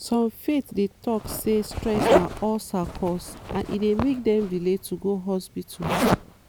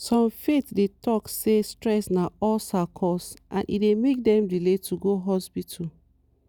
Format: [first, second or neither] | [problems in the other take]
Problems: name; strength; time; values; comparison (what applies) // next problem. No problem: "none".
second | background sound (Zipper (clothing)); 3 dB below the speech